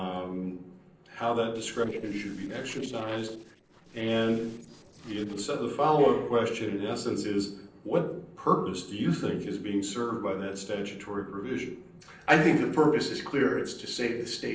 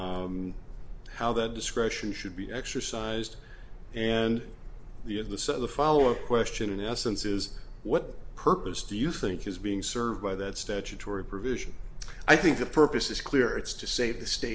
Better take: second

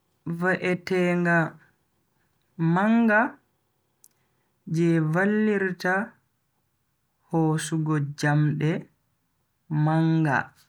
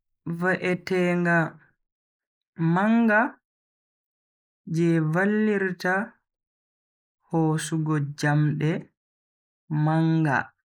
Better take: first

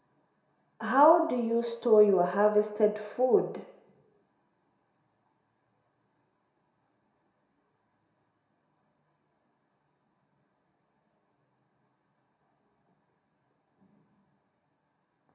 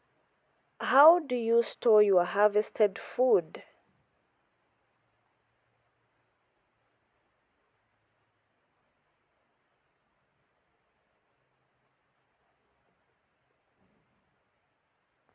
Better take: second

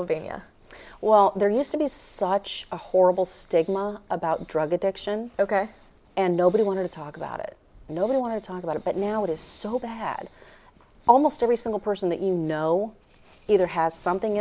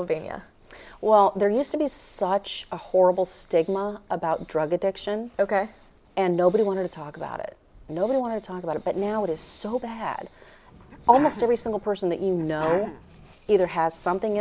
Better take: first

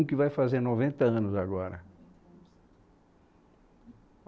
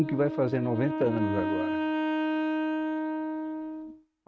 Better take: first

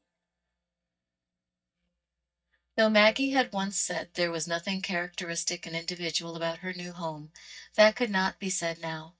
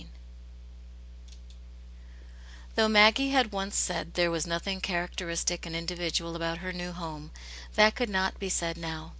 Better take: second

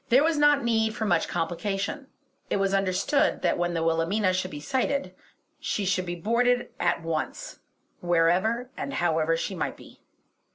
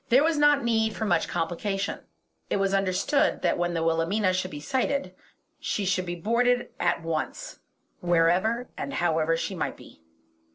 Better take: first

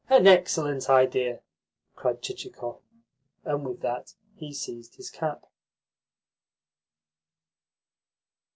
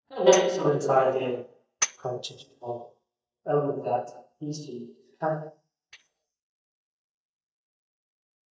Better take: first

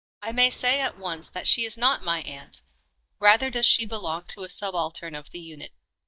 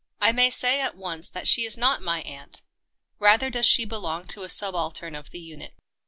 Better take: second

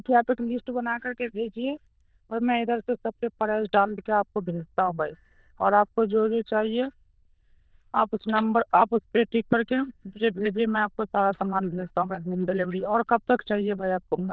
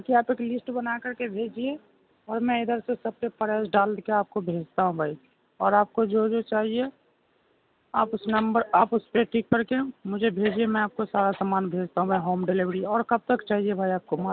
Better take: second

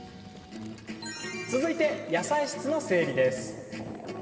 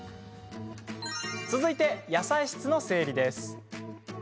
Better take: second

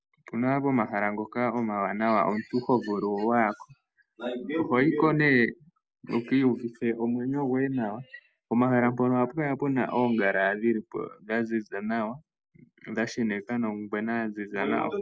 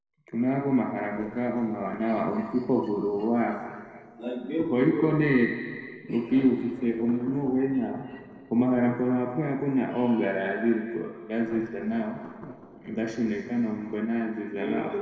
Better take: first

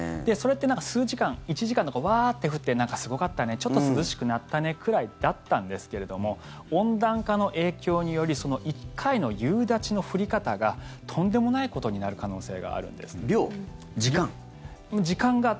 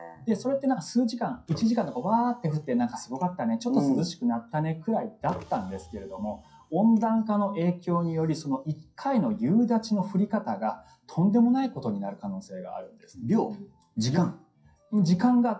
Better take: first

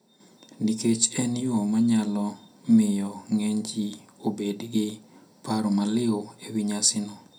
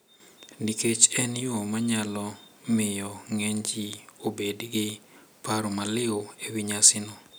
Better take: second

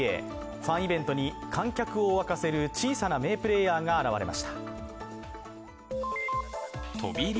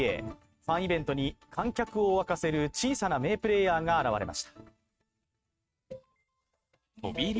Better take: first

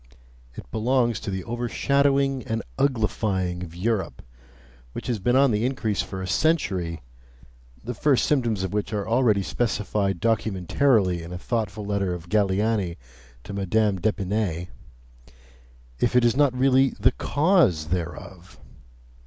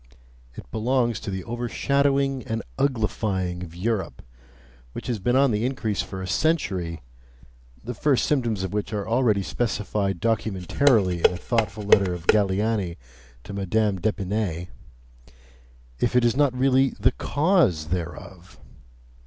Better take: first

